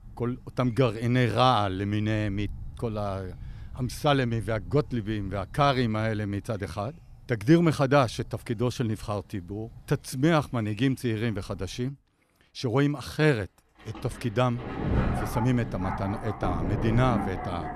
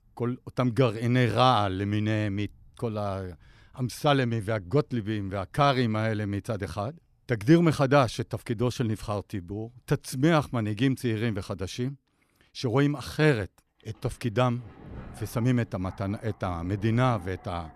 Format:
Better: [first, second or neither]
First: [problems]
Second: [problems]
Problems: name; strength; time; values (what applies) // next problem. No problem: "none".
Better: second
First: rain or running water; loud; throughout; 8 dB below the speech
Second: rain or running water; faint; throughout; 25 dB below the speech